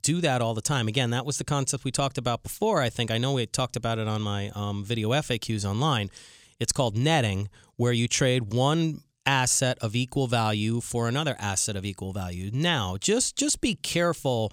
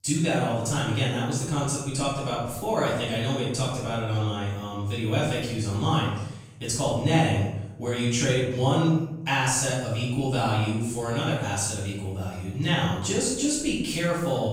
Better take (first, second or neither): first